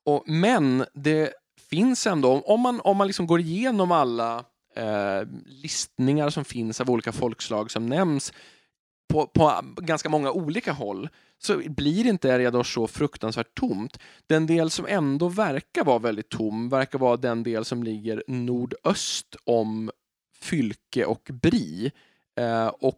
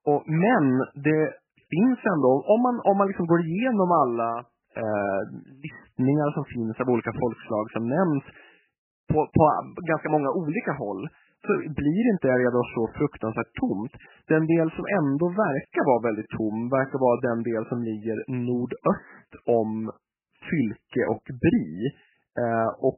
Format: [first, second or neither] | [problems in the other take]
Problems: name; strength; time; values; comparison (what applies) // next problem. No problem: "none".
first | garbled, watery; badly; nothing above 3 kHz